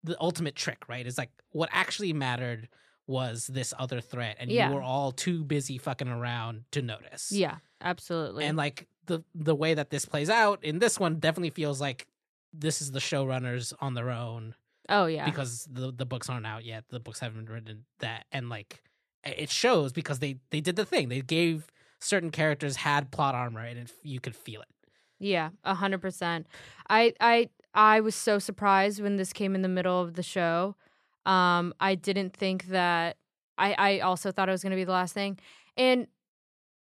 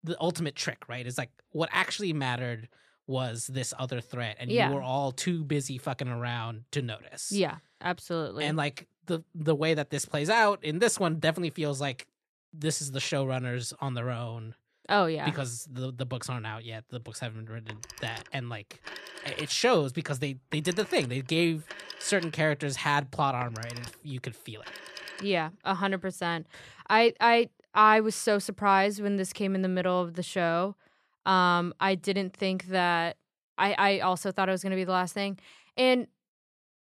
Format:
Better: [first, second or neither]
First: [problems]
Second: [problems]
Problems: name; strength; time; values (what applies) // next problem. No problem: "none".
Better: first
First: none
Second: phone ringing; faint; from 18 to 25 s; peak 10 dB below the speech